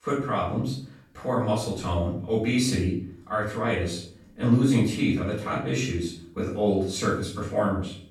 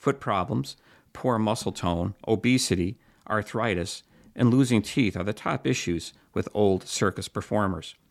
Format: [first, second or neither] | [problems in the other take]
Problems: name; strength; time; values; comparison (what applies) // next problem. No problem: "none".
second | off-mic speech; far // room echo; noticeable; dies away in 0.5 s